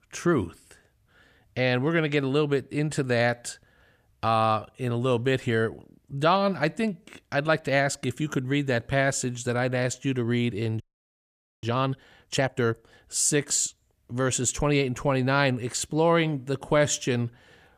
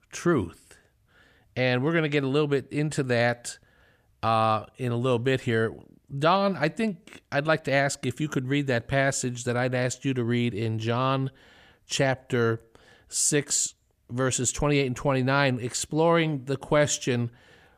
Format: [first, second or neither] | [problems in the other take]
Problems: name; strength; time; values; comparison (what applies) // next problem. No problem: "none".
second | audio freezing; at 11 s for 1 s